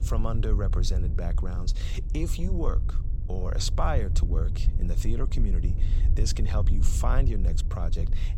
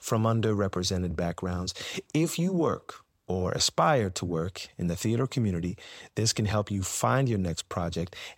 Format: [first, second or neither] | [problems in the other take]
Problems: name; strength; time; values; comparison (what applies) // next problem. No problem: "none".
second | low rumble; noticeable; throughout; 10 dB below the speech